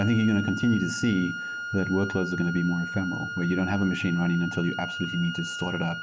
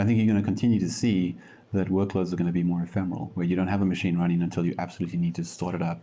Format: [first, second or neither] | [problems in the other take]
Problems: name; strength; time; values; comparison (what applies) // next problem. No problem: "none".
second | background sound (Wind instrument, woodwind instrument); 8 dB below the speech